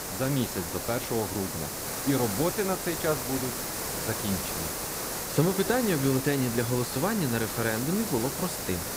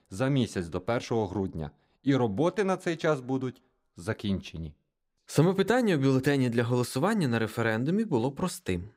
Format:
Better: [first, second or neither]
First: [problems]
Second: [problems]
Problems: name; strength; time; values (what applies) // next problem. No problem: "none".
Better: second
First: hiss; loud; throughout; 2 dB below the speech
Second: none